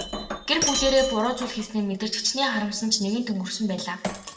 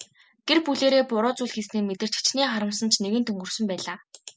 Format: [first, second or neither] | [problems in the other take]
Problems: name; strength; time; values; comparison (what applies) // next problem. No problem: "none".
second | background sound (Shatter); 8 dB below the speech // room echo; dies away in 0.7 s